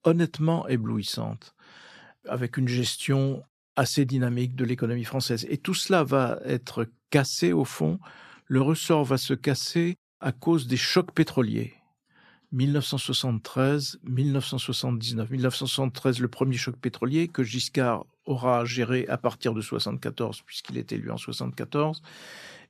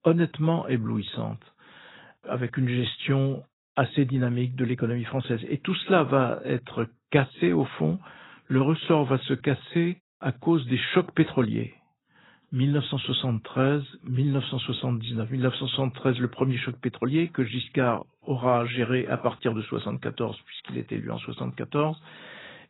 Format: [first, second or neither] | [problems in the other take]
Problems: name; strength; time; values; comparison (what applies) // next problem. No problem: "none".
first | garbled, watery; badly; nothing above 4 kHz